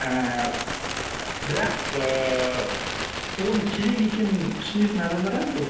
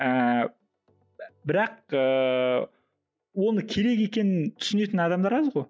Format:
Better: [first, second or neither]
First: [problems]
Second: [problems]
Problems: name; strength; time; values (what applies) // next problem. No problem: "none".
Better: second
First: background sound (Bird); 5 dB below the speech // room echo; dies away in 0.9 s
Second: none